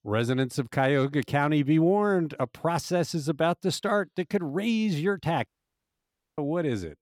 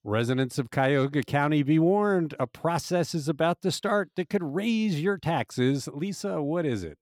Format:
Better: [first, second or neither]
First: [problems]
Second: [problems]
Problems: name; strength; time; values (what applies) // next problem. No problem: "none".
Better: second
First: audio cutting out; at 5.5 s for 1 s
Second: none